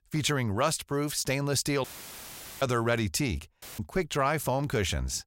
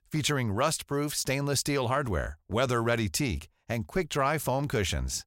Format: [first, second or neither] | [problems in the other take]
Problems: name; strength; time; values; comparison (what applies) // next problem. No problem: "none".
second | audio cutting out; filled with static; at 2 s for 1 s and at 3.5 s